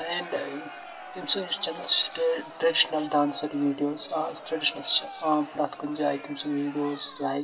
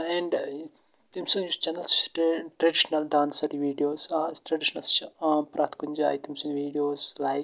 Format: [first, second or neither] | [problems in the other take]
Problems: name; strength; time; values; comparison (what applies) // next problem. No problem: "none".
second | background sound (Crowd); 14 dB below the speech // room echo; dies away in 2.2 s